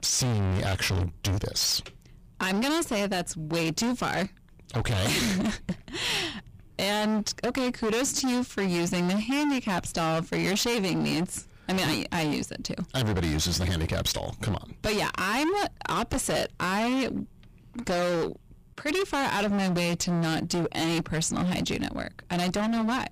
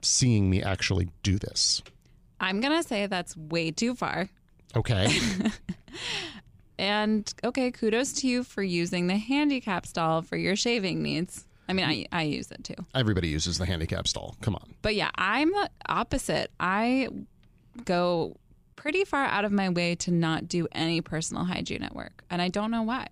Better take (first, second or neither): second